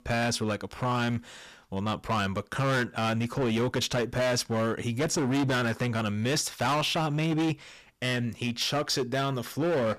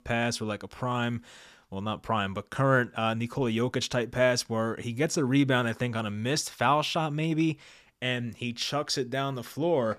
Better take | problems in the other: second | distortion; heavy; 19% of the sound clipped

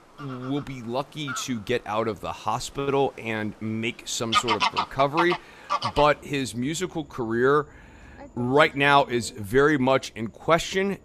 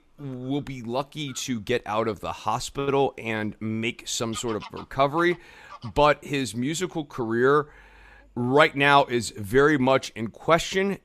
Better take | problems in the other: second | animal sounds; loud; throughout; 3 dB below the speech; faint in the second

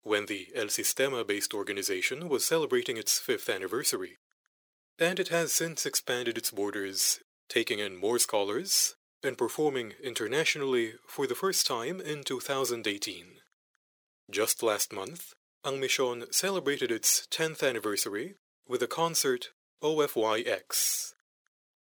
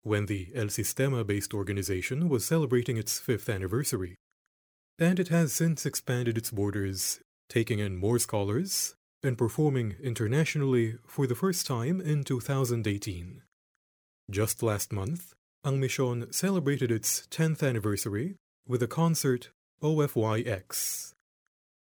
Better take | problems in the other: second | thin; very; fading below 500 Hz

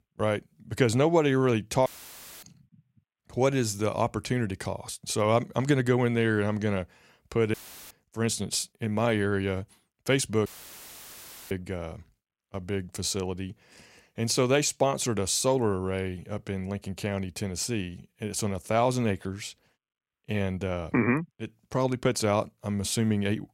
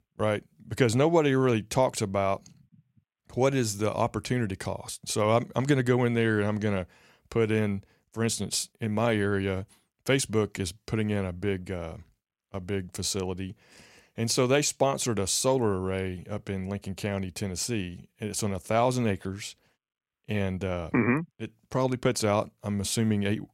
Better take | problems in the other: second | audio cutting out; filled with static; at 2 s for 0.5 s, at 7.5 s and at 10 s for 1 s

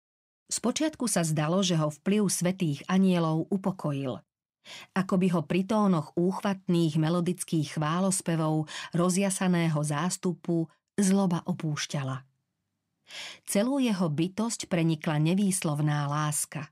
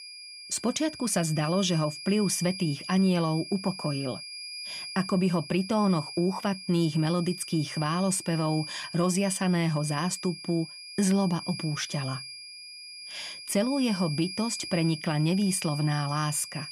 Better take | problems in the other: first | high-pitched whine; noticeable; throughout; 5 kHz, 10 dB below the speech

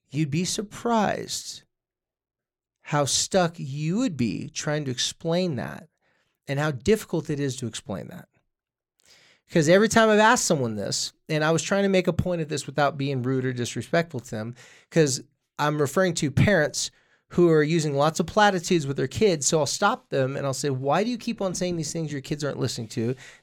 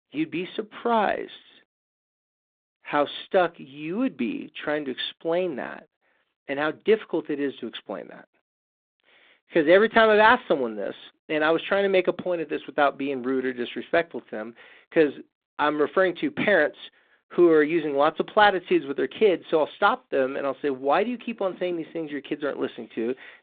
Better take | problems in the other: first | phone-call audio; nothing above 3.5 kHz

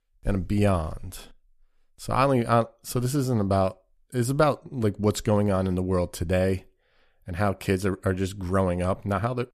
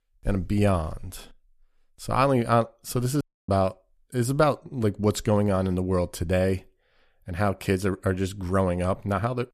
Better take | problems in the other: first | audio cutting out; at 3 s

